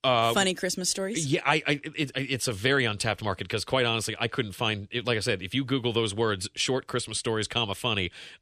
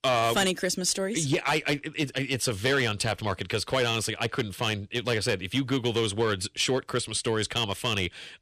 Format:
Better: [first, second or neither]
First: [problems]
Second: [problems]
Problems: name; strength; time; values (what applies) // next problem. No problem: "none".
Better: first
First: none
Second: distortion; slight; 4% of the sound clipped